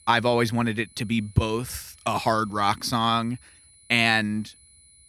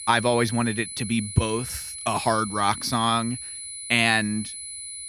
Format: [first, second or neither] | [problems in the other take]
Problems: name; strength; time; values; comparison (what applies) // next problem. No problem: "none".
first | high-pitched whine; loud; throughout; 10 kHz, 9 dB below the speech; faint in the first